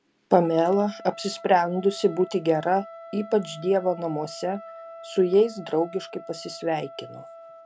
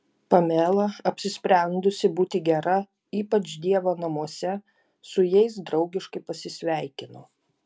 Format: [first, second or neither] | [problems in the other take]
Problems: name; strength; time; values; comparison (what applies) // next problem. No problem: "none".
second | background sound (Trumpet); 18 dB below the speech